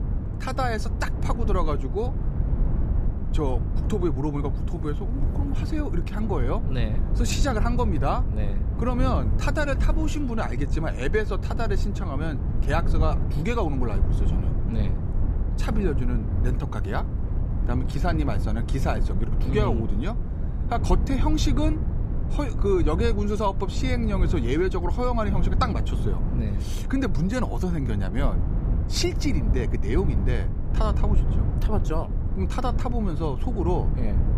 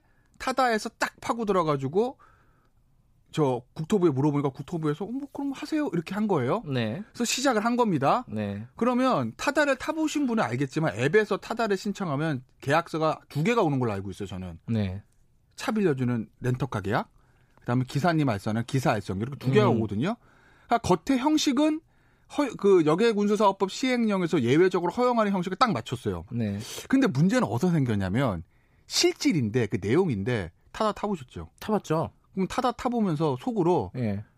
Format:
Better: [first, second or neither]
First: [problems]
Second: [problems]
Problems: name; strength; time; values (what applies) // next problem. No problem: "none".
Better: second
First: low rumble; loud; throughout; 9 dB below the speech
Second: none